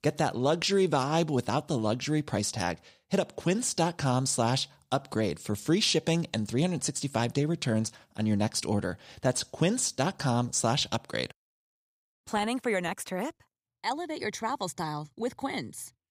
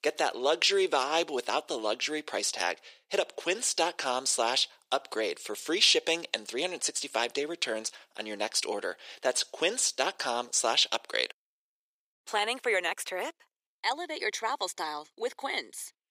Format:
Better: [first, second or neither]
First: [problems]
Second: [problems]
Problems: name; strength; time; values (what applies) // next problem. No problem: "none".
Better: first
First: none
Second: thin; very; fading below 400 Hz